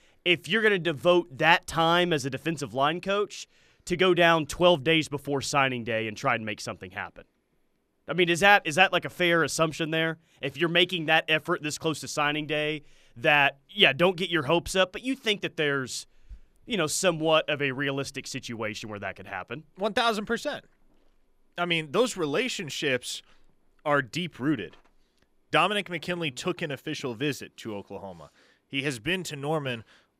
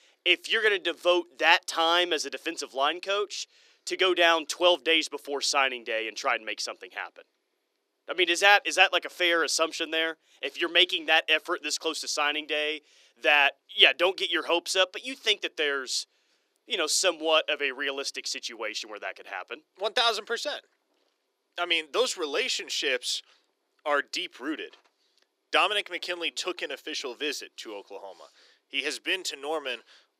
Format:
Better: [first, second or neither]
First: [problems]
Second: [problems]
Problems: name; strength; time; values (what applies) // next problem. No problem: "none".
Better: first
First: none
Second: thin; somewhat; fading below 350 Hz